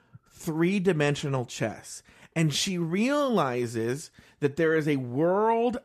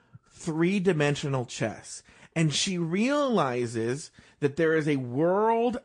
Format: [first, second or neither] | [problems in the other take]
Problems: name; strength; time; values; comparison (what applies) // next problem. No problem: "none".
first | garbled, watery; slightly; nothing above 9 kHz